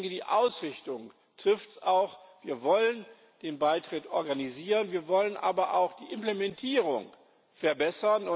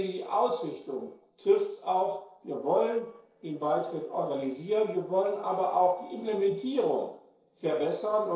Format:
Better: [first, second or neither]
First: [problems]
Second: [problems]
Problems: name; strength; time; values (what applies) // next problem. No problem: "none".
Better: first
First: none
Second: noise reduction (neural separator model SepFormer DNS4)